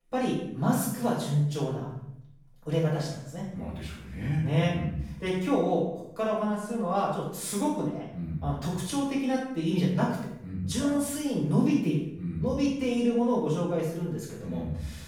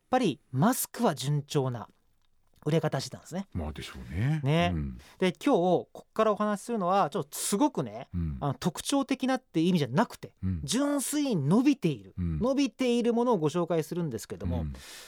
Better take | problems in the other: second | off-mic speech; far // room echo; noticeable; dies away in 0.7 s

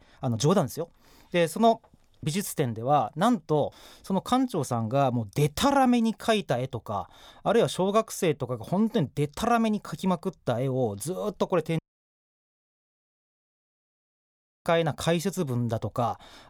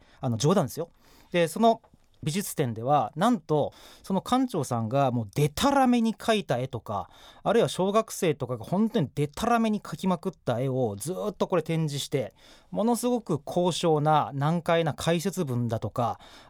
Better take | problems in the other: second | audio cutting out; at 12 s for 3 s

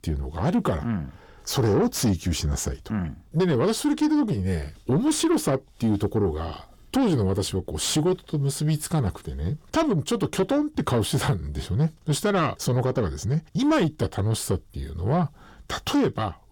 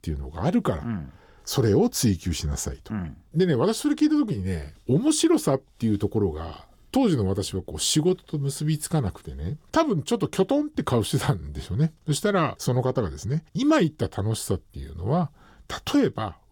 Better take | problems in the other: second | distortion; slight; 10 dB below the speech

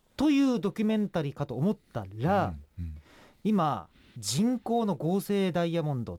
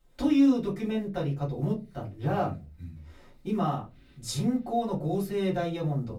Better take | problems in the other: first | off-mic speech; far // room echo; very slight; dies away in 0.2 s

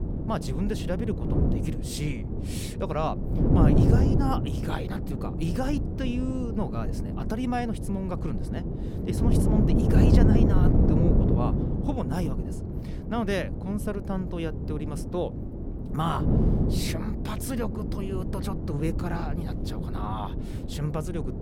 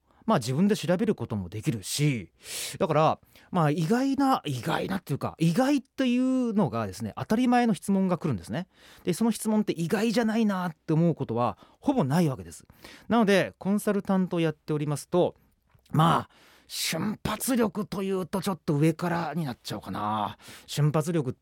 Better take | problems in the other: second | wind noise on the microphone; heavy; 1 dB below the speech

